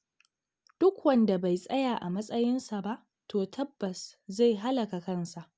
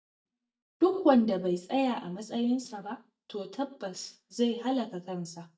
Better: first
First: none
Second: noise reduction (neural mask model DeepFilterNet 3)

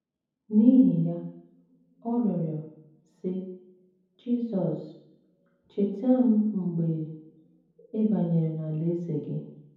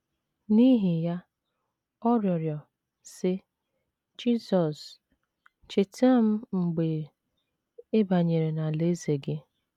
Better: second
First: room echo; dies away in 0.9 s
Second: none

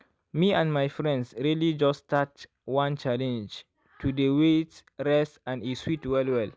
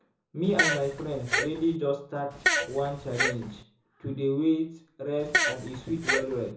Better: first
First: none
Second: background sound (Fart); 1 dB above the speech // room echo; dies away in 0.6 s

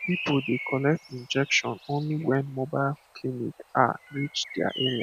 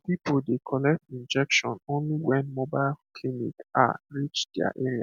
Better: second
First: background sound (Bird); 12 dB below the speech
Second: none

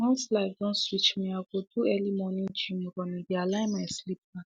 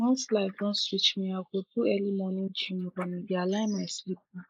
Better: first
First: none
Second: noise reduction (neural mask model Resemble Enhance denoiser)

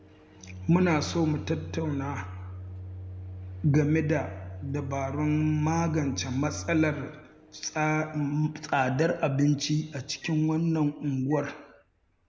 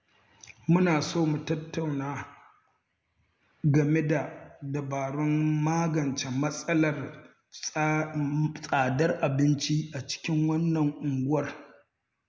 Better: second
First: background sound (Microwave oven); 13 dB below the speech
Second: none

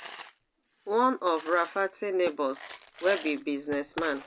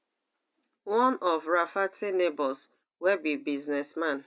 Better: second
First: background sound (Coin (dropping)); 16 dB below the speech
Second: none

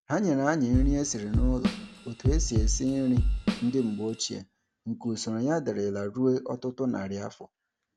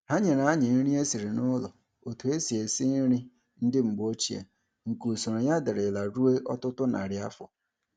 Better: second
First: background sound (Drum kit); 1 dB above the speech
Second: none

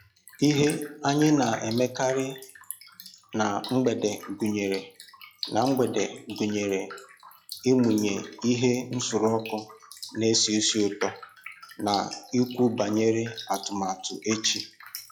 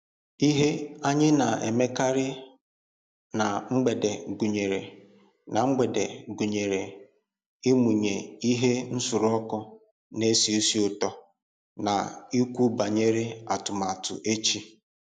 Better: second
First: noise reduction (classical method log-MMSE)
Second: none

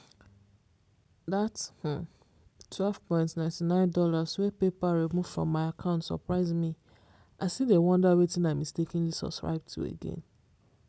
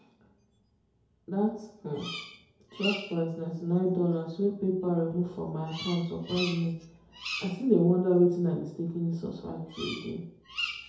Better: first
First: none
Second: background sound (Bird vocalization, bird call, bird song); 13 dB below the speech // room echo; dies away in 2 s

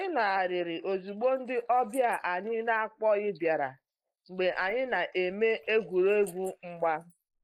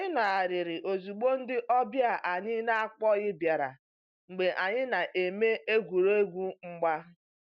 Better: second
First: noise reduction (neural mask model Resemble Enhance denoiser)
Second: none

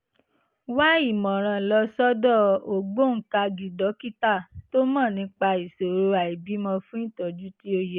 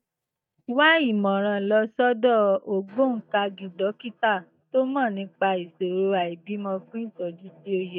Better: first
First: none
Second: noise reduction (neural mask model DeepFilterNet 3)

